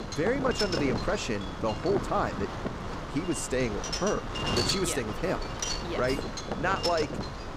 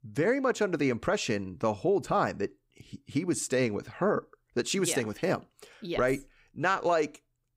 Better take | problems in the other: second | wind noise on the microphone; heavy; 3 dB below the speech

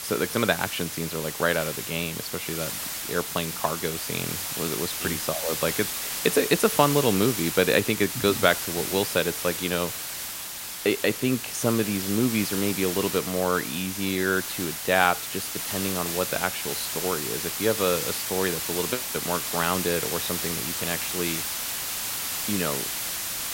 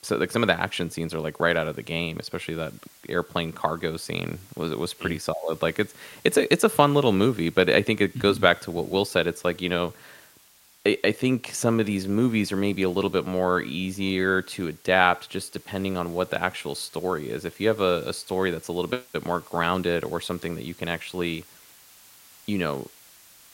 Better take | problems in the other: second | hiss; loud; throughout; 2 dB below the speech; faint in the second

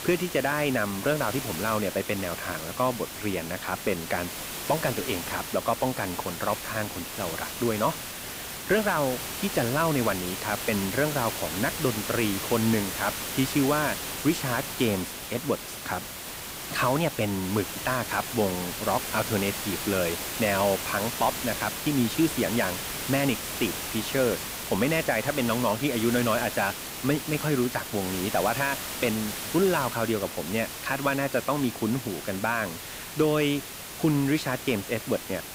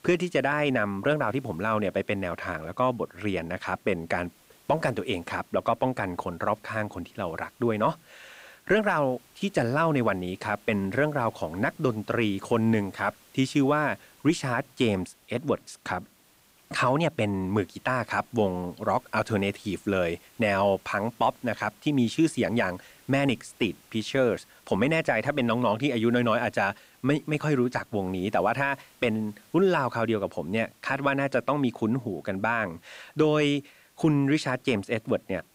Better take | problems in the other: second | hiss; loud; throughout; 5 dB below the speech; faint in the second

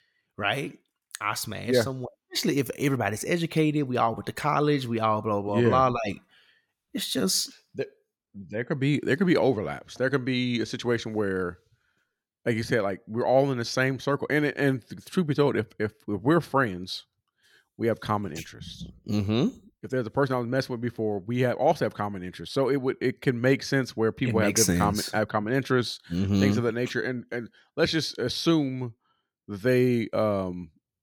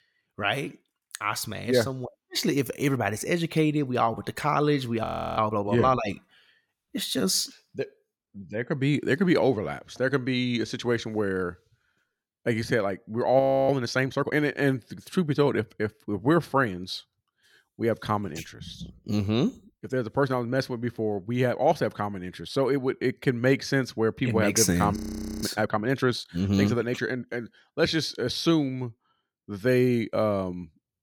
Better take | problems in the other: first | audio freezing; at 5 s, at 13 s and at 25 s

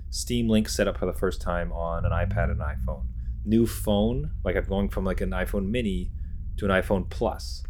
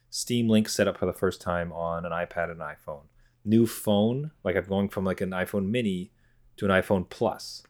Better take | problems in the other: second | low rumble; faint; throughout; 20 dB below the speech

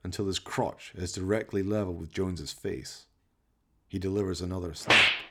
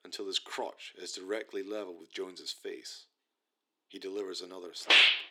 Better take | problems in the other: first | thin; somewhat; fading below 350 Hz

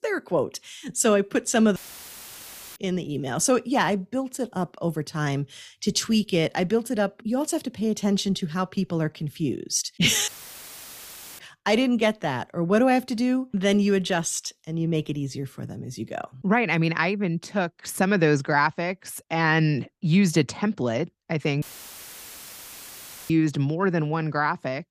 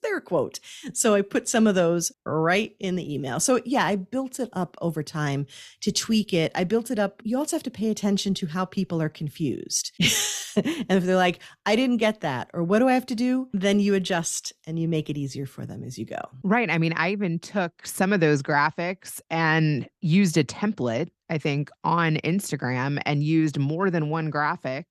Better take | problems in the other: second | audio cutting out; filled with static; at 2 s for 1 s, at 10 s for 1 s and at 22 s for 1.5 s

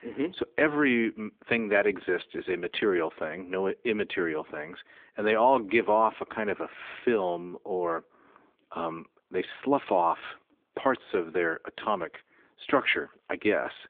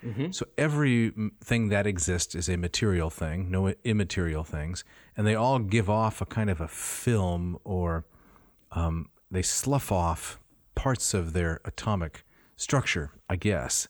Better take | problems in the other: second | phone-call audio

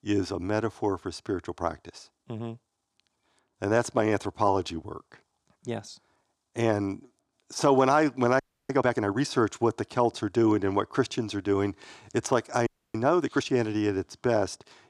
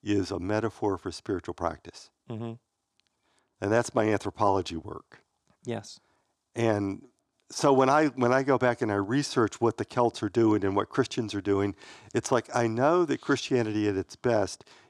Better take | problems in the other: second | audio freezing; at 8.5 s and at 13 s

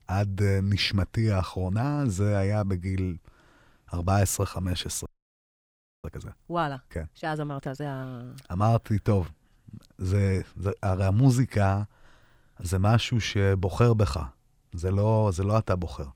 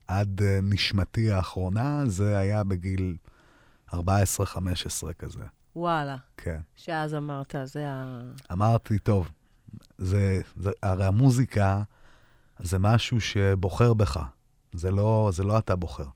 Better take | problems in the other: second | audio freezing; at 5 s for 1 s

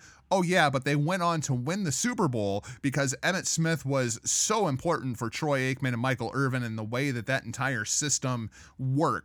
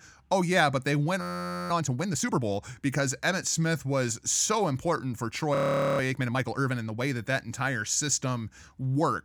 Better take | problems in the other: first | audio freezing; at 1 s and at 5.5 s

